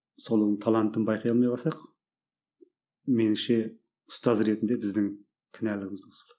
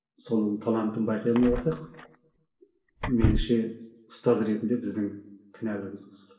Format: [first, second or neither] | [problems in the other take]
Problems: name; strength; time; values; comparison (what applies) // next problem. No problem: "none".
first | background sound (Door / Car); 4 dB below the speech // room echo; dies away in 0.6 s